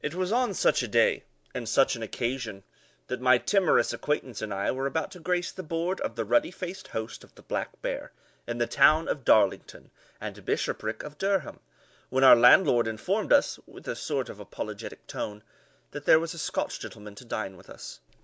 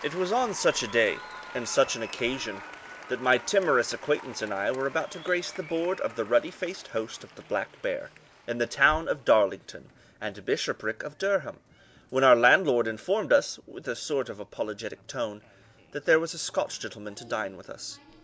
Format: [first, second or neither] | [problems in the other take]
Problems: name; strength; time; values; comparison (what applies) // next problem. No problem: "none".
first | background sound (Applause); 19 dB below the speech